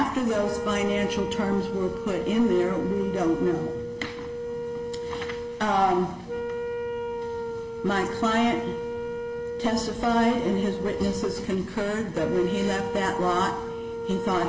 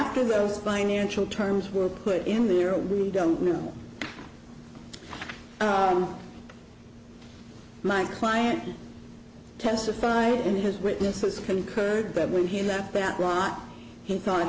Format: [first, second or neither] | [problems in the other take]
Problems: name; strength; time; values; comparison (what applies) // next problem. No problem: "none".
second | background sound (Wind instrument, woodwind instrument); 6 dB below the speech // room echo; dies away in 1.4 s